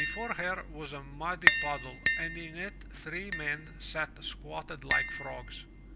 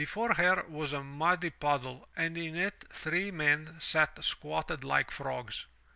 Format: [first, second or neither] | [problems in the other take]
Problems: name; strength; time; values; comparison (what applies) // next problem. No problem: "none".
second | background sound (Tap); 4 dB above the speech